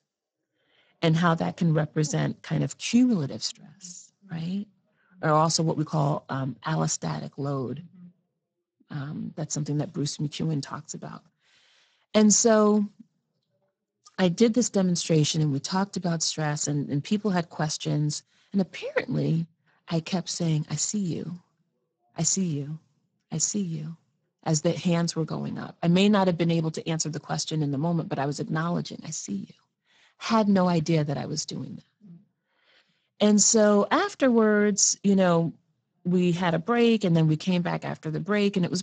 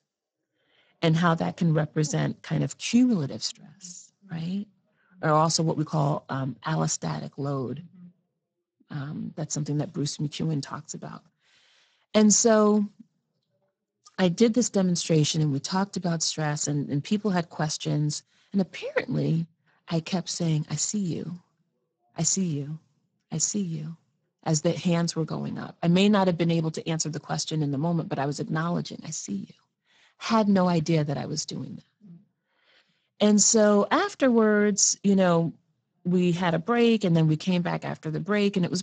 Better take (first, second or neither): neither